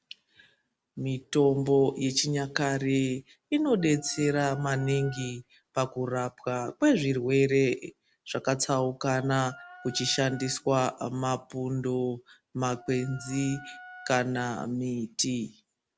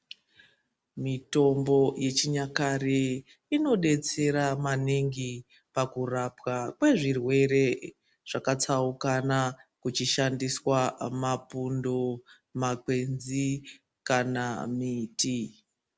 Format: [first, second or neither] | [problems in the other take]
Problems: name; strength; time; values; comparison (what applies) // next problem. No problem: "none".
second | background sound (Wind instrument, woodwind instrument); 20 dB below the speech